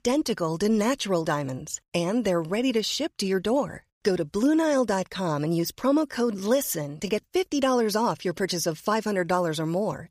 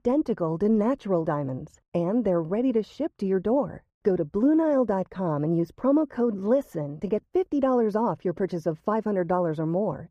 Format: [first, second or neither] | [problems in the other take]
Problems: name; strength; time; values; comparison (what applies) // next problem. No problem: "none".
first | muffled; very; fading above 2 kHz